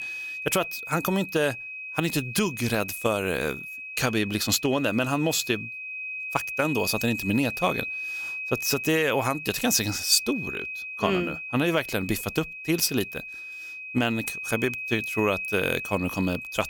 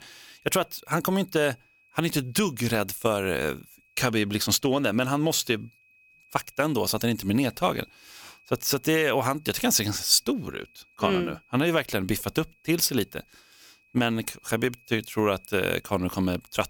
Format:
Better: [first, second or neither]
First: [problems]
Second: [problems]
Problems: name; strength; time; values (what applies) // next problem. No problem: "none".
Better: second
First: high-pitched whine; loud; throughout; 2.5 kHz, 7 dB below the speech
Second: high-pitched whine; faint; throughout; 2.5 kHz, 30 dB below the speech